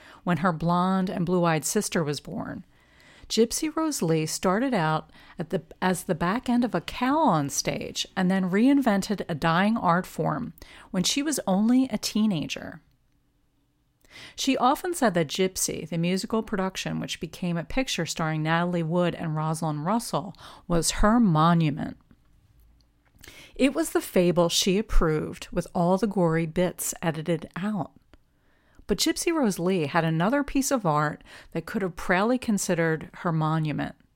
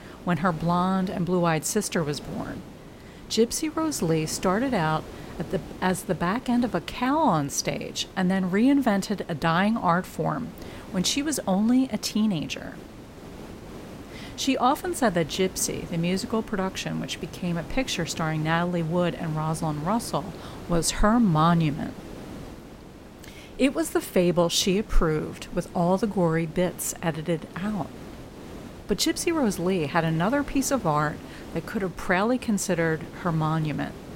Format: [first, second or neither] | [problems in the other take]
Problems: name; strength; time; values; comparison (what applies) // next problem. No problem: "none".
first | hiss; noticeable; throughout; 15 dB below the speech